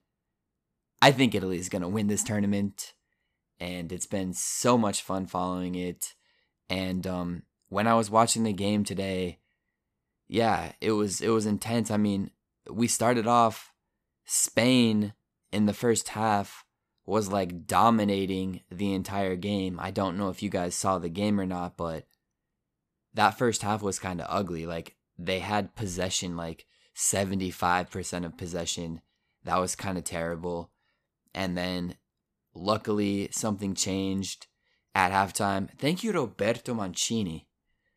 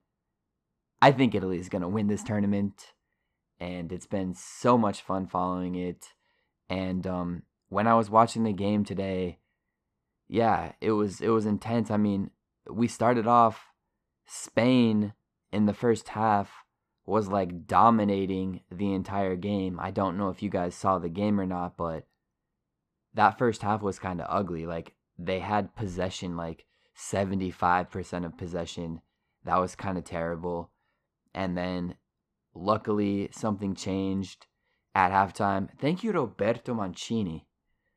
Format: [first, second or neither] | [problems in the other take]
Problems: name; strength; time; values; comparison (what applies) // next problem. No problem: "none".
first | muffled; slightly; fading above 1.5 kHz